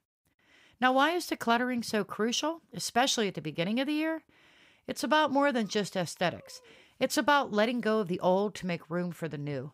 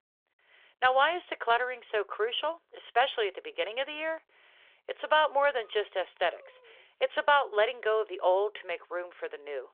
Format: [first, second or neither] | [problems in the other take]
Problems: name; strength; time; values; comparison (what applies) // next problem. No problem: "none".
first | phone-call audio